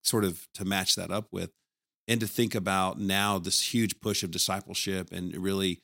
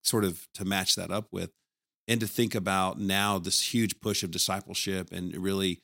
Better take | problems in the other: neither | none

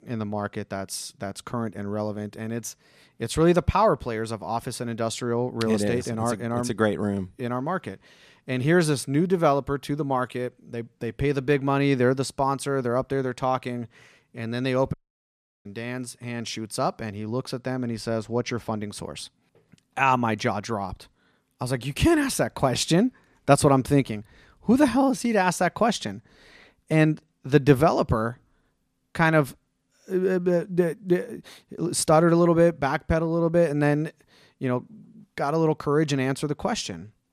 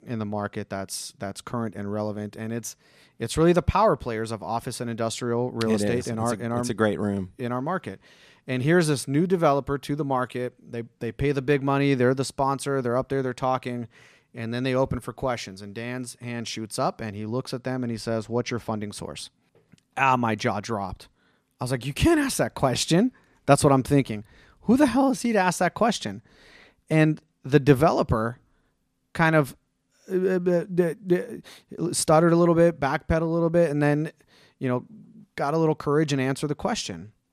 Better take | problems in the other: second | audio cutting out; at 15 s for 0.5 s

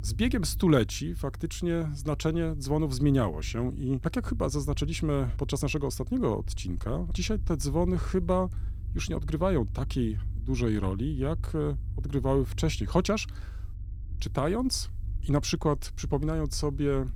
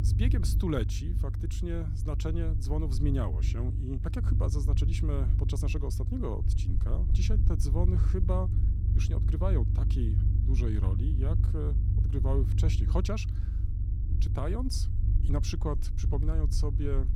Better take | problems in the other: first | low rumble; loud; throughout; 6 dB below the speech; faint in the first

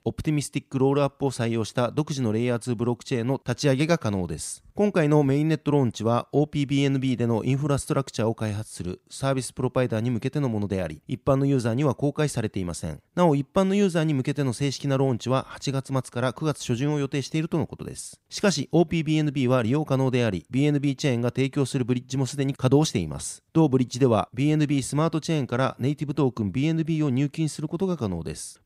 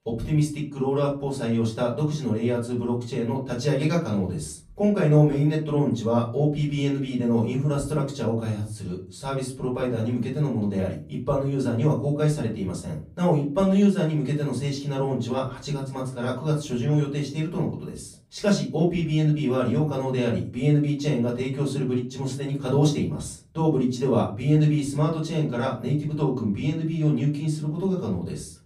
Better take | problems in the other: first | off-mic speech; far // room echo; slight; dies away in 0.4 s

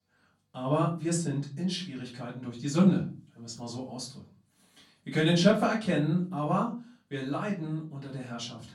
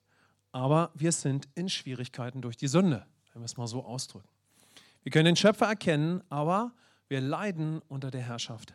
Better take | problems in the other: second | off-mic speech; far // room echo; slight; dies away in 0.3 s

